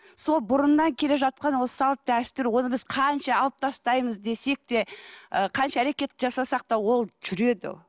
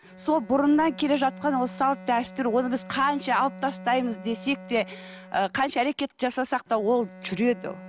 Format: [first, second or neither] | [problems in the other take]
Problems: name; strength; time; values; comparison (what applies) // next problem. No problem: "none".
first | background sound (Bowed string instrument); 17 dB below the speech